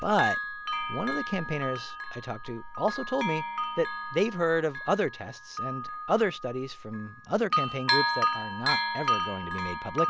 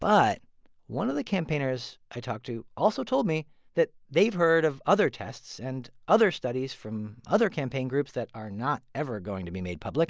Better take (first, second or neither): second